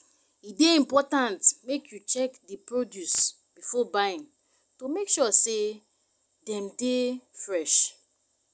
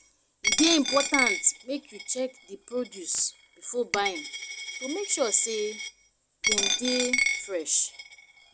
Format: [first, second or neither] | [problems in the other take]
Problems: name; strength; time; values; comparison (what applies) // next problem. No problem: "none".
first | background sound (Coin (dropping)); 2 dB below the speech